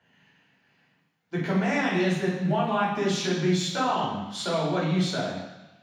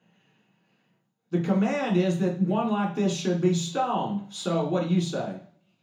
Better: second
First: room echo; strong; dies away in 1.1 s // off-mic speech; far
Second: room echo; slight; dies away in 0.6 s // off-mic speech; far

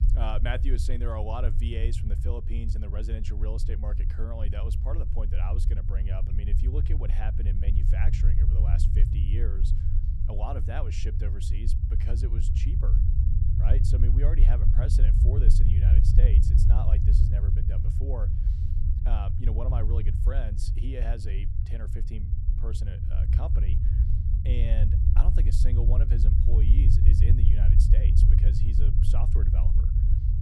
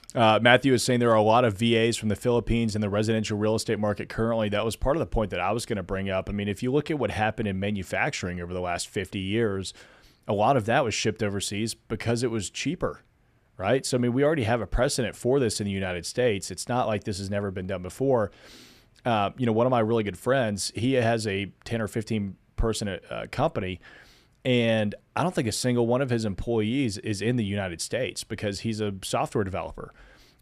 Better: second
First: low rumble; loud; throughout; 1 dB below the speech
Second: none

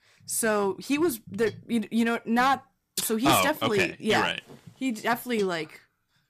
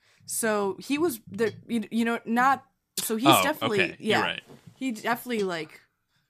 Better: second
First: distortion; slight; 3% of the sound clipped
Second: none

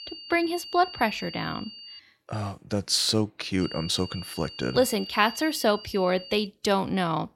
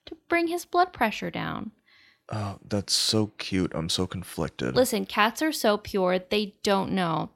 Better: second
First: high-pitched whine; noticeable; until 2 s and from 3.5 to 6.5 s; 4.5 kHz, 15 dB below the speech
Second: none

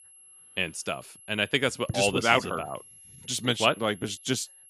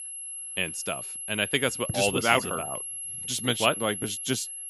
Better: first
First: high-pitched whine; faint; throughout; 11 kHz, 20 dB below the speech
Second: high-pitched whine; loud; throughout; 11 kHz, 6 dB below the speech

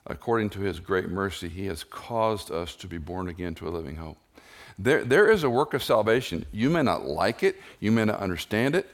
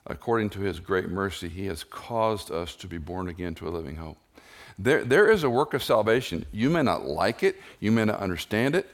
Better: neither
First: none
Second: none

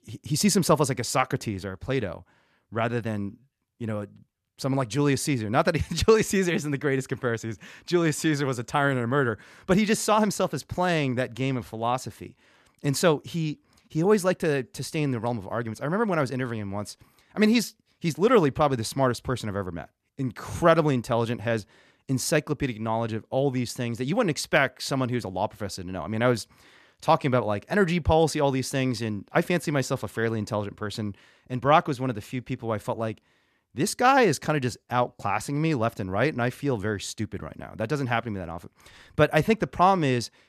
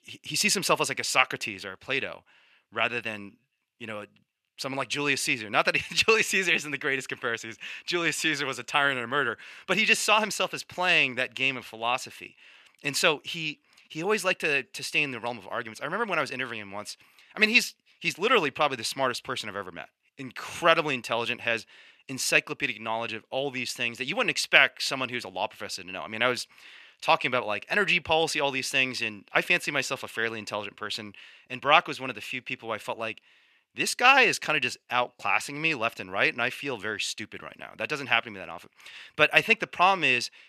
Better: first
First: none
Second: thin; somewhat; fading below 600 Hz

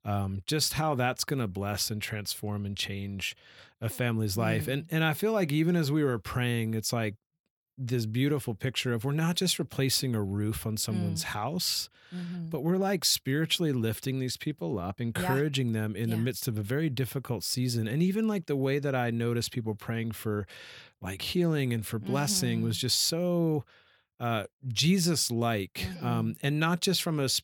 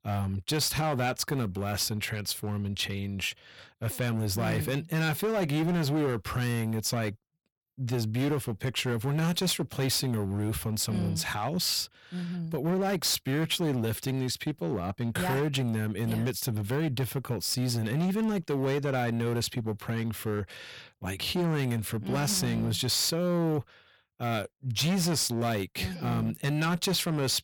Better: first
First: none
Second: distortion; slight; 14% of the sound clipped

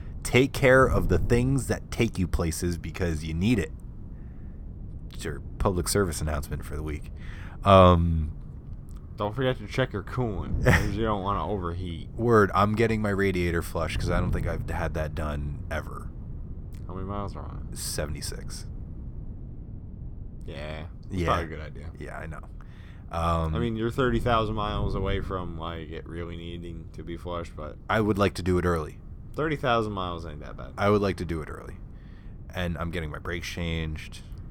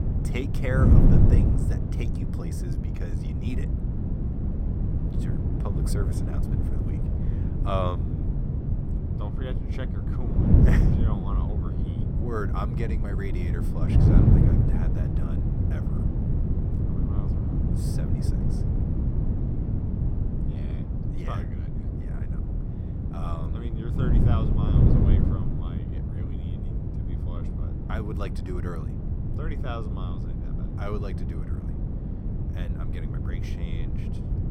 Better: first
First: wind noise on the microphone; occasional gusts; 25 dB below the speech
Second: wind noise on the microphone; heavy; 1 dB above the speech

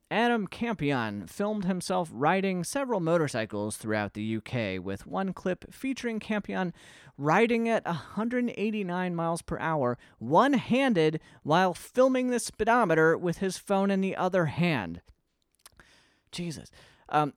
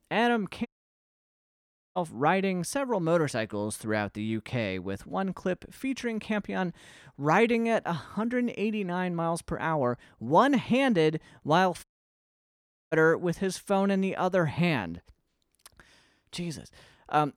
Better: first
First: none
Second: audio cutting out; at 0.5 s for 1.5 s and at 12 s for 1 s

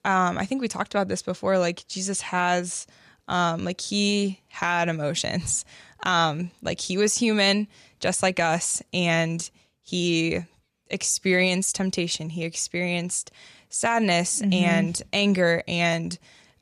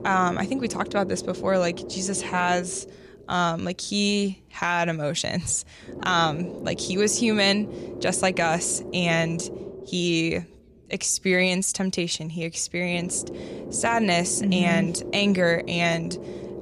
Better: first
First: none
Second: low rumble; noticeable; throughout; 15 dB below the speech

